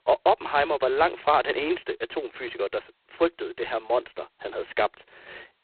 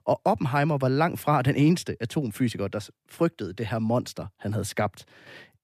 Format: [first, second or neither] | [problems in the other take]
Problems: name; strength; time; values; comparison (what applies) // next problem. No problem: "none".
second | phone-call audio; poor line; nothing above 4 kHz